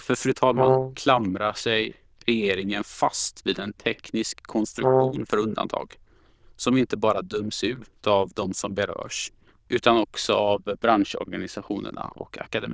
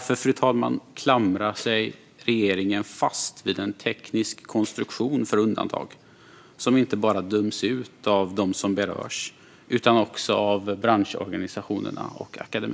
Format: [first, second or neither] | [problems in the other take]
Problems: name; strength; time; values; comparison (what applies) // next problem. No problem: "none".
second | noise reduction (neural diffusion model UNIVERSE++)